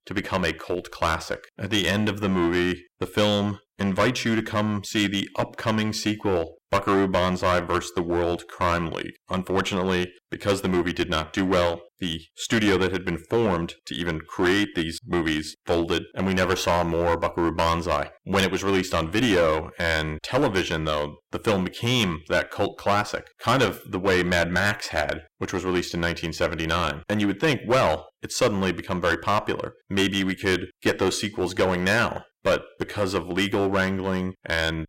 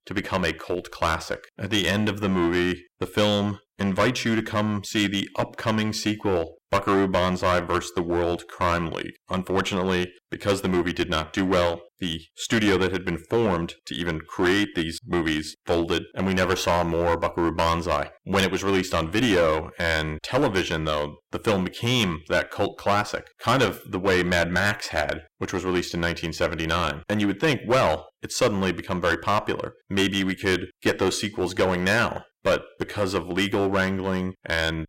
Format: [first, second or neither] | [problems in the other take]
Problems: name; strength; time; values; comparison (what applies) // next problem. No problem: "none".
neither | distortion; heavy; 7% of the sound clipped; the same in both